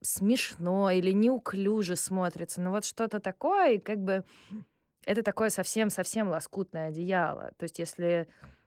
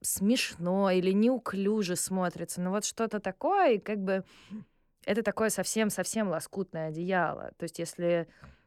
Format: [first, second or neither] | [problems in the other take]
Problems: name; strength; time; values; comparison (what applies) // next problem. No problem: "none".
second | garbled, watery; slightly